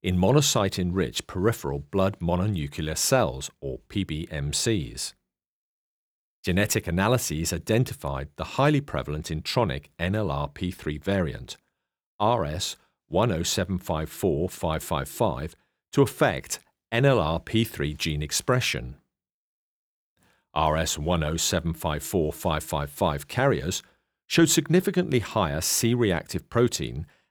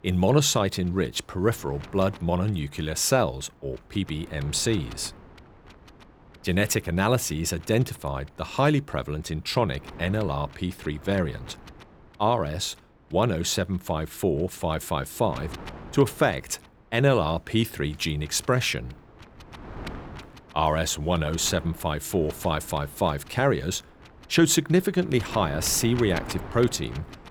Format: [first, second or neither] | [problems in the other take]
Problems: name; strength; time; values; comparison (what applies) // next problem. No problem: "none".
first | wind noise on the microphone; occasional gusts; 20 dB below the speech